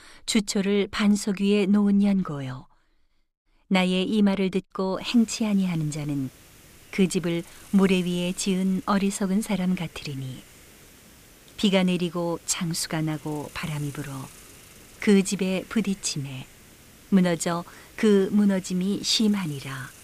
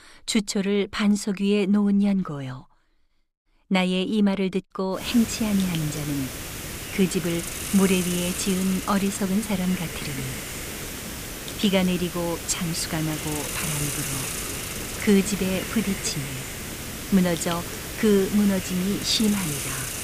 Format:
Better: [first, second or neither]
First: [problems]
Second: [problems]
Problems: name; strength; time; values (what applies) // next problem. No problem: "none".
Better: first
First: hiss; faint; from 5 s on; 25 dB below the speech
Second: hiss; loud; from 5 s on; 6 dB below the speech